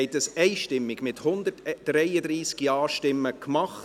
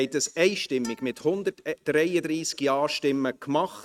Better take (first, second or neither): first